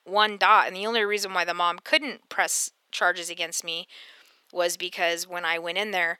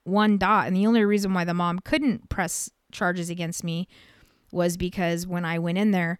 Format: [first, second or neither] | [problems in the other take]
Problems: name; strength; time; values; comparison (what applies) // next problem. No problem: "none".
second | thin; very; fading below 500 Hz